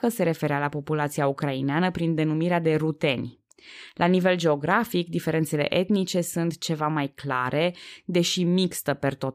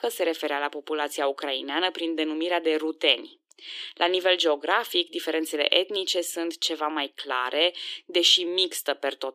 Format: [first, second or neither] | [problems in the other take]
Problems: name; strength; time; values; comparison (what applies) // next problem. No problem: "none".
first | thin; very; fading below 300 Hz